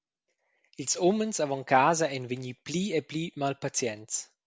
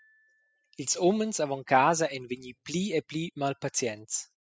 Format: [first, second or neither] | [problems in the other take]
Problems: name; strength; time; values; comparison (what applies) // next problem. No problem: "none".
first | noise reduction (classical method spectral subtraction)